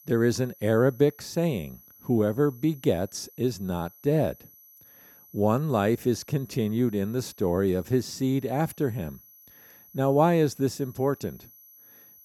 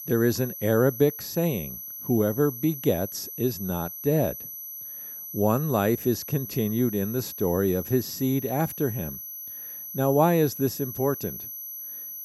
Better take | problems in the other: first | high-pitched whine; loud; throughout; 12 kHz, 9 dB below the speech; faint in the first

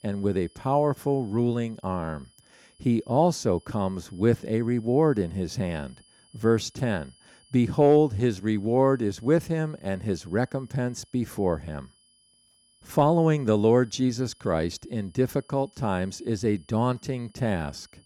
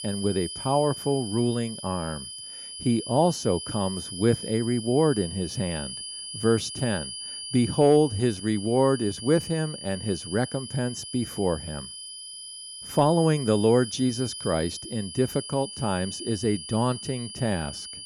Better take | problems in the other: first | high-pitched whine; loud; throughout; 3 kHz, 10 dB below the speech; faint in the first

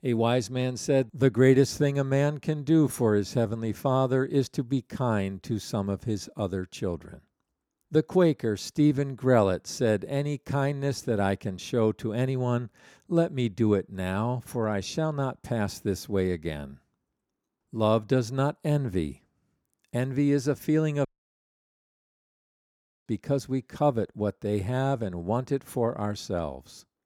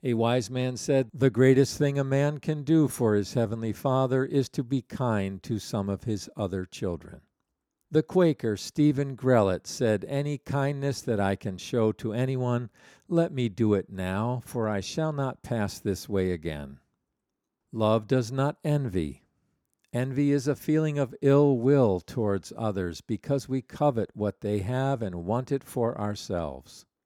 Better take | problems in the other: second | audio cutting out; at 21 s for 2 s

